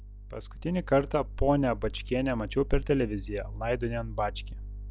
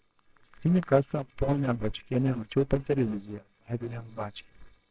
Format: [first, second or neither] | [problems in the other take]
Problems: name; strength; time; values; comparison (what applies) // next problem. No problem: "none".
first | noise reduction (neural separator model SepFormer WHAMR!)